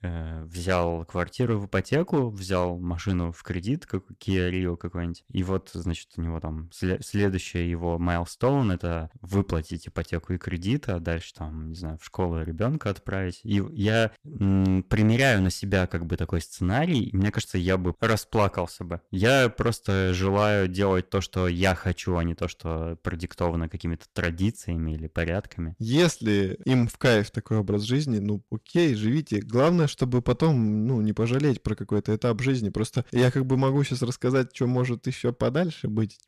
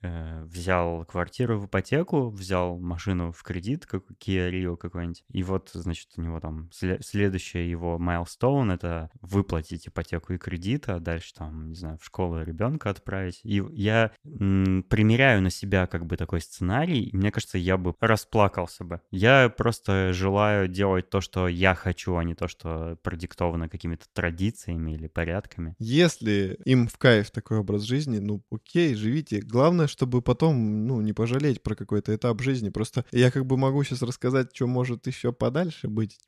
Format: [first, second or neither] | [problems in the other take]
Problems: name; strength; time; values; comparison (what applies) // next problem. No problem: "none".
second | distortion; slight; 3% of the sound clipped